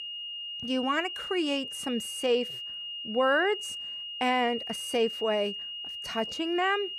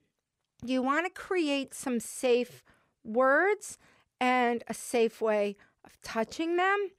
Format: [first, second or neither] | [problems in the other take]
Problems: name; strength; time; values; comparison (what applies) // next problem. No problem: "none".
second | high-pitched whine; loud; throughout; 3 kHz, 6 dB below the speech